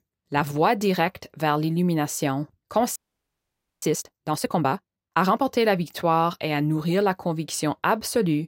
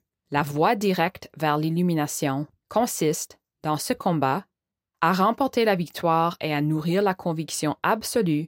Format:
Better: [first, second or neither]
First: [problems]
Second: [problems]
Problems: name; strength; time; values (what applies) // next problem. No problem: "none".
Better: second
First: audio freezing; at 3 s for 1 s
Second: none